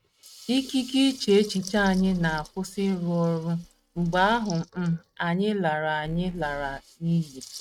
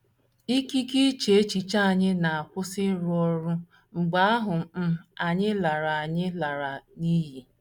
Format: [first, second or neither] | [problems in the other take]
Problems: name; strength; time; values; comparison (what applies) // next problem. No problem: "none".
second | noise reduction (neural mask model RNNoise)